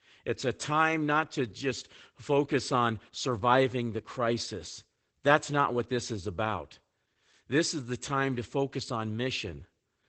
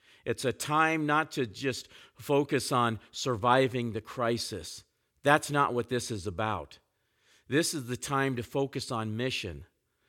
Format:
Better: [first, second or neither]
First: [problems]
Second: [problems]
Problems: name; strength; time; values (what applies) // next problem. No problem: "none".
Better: second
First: garbled, watery; badly; nothing above 8 kHz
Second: none